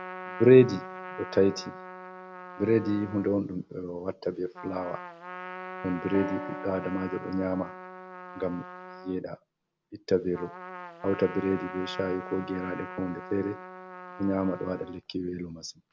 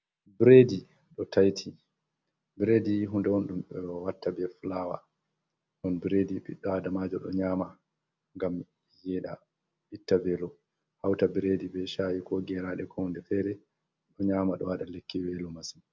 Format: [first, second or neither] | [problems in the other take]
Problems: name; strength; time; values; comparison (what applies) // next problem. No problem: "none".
second | background sound (Piano + Trumpet); 12 dB below the speech